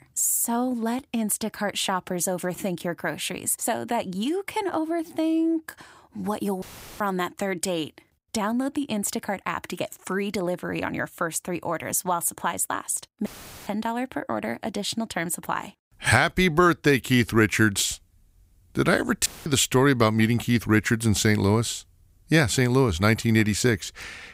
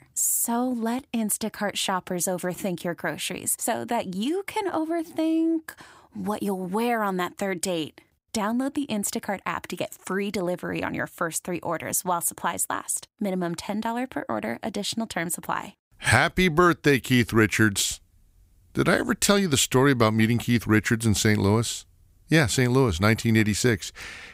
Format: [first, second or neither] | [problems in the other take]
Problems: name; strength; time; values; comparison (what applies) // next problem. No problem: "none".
second | audio cutting out; filled with static; at 6.5 s, at 13 s and at 19 s